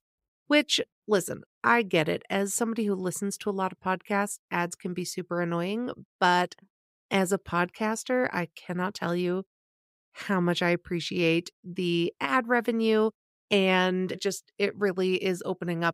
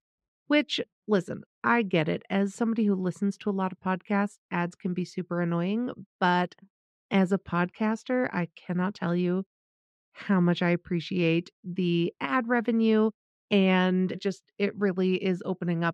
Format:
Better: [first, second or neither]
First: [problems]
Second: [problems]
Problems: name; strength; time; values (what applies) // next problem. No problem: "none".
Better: first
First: none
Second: muffled; very slightly; fading above 3.5 kHz